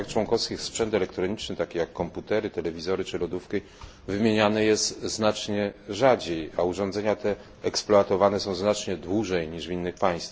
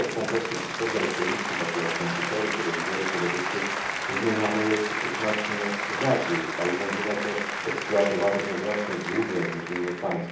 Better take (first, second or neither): first